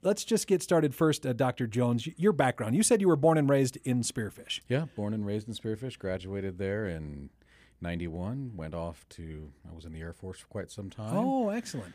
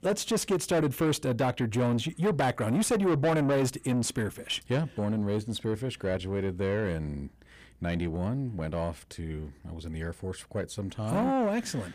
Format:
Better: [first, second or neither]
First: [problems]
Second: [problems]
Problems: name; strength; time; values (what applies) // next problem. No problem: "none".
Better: first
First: none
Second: distortion; heavy; 8 dB below the speech